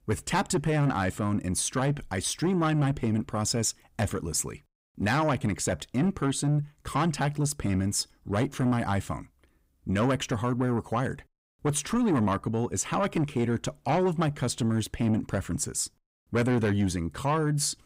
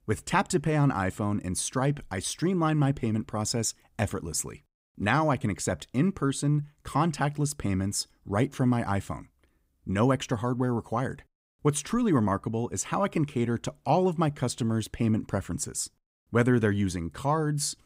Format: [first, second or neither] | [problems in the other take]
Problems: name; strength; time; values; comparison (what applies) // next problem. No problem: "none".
second | distortion; slight; 10 dB below the speech